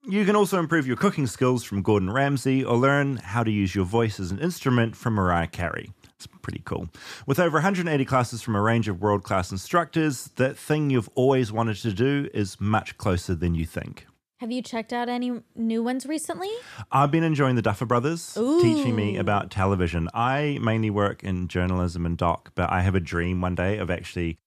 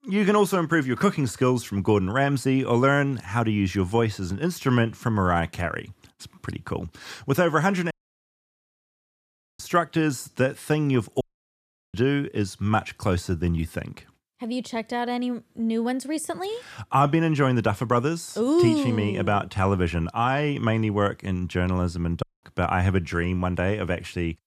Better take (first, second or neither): first